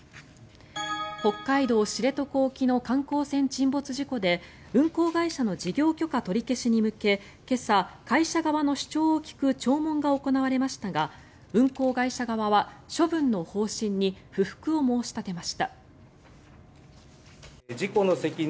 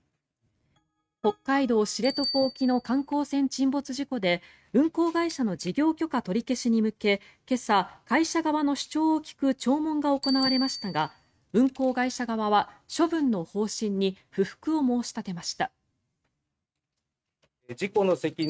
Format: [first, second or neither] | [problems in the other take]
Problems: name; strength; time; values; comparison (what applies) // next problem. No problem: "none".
first | noise reduction (neural mask model RNNoise)